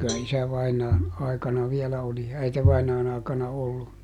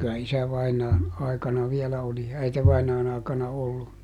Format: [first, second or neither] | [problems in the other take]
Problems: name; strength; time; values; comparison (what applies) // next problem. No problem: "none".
second | background sound (Cowbell); 19 dB below the speech